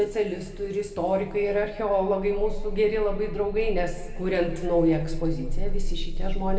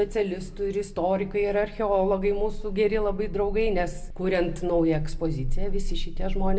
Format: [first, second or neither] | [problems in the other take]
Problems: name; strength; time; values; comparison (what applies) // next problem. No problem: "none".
second | room echo; dies away in 1.7 s